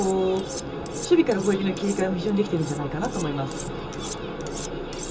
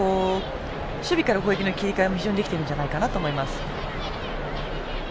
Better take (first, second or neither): second